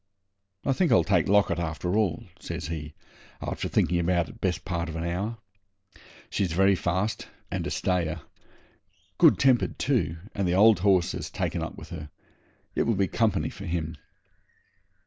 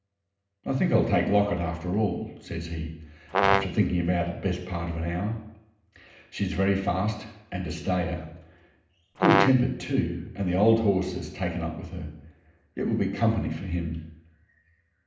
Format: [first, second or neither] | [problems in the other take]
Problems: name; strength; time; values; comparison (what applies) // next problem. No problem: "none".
first | background sound (Brass instrument); 1 dB above the speech // room echo; dies away in 0.8 s